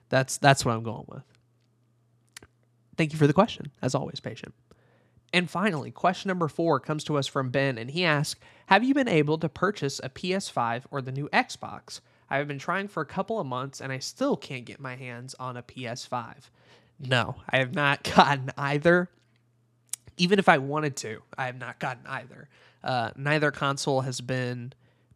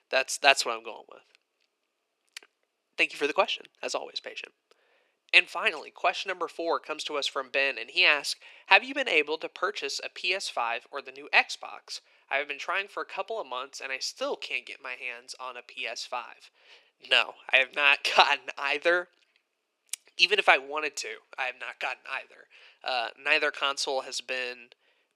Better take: first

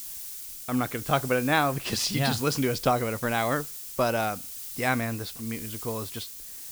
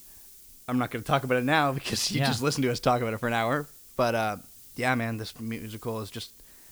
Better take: second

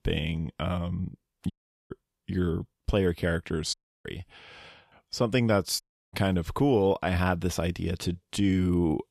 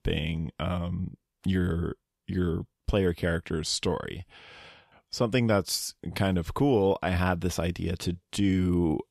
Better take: second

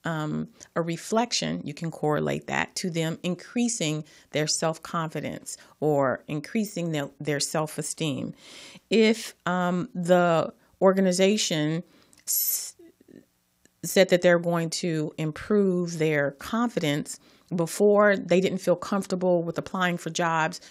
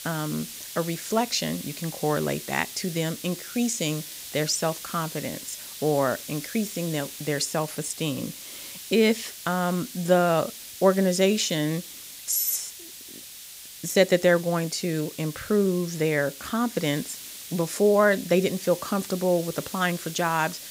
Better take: first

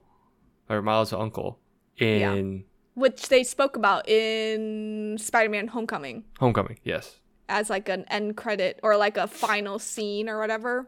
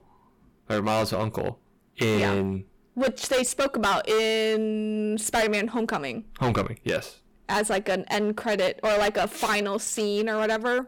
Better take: first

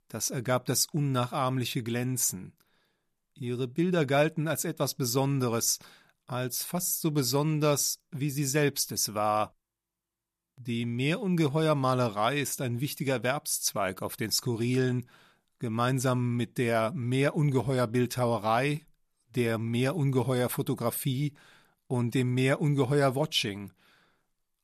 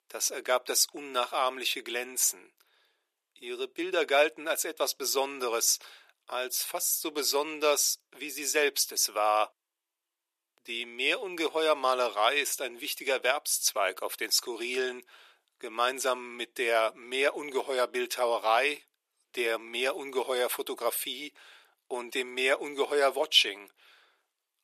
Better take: first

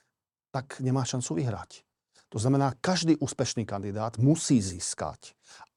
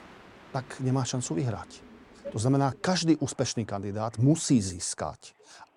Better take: first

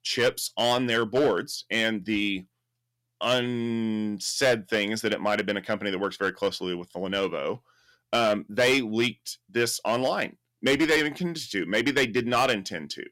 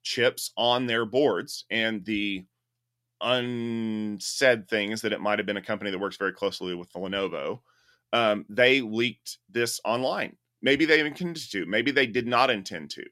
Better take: second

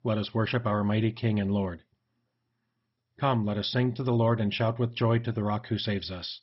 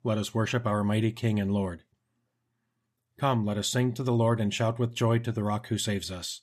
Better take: second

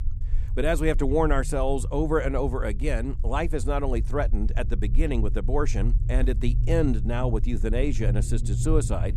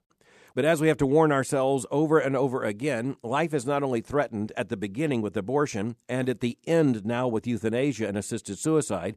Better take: second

